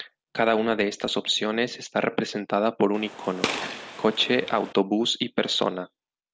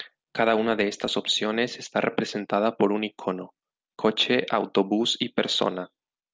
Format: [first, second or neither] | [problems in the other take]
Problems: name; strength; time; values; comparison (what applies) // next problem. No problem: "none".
second | background sound (Gunshot, gunfire); 8 dB below the speech